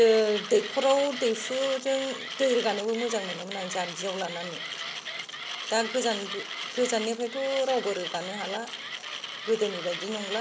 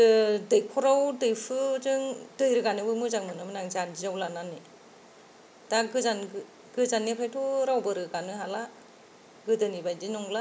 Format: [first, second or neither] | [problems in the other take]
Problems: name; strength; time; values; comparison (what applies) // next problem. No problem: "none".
second | background sound (Mechanisms); 8 dB below the speech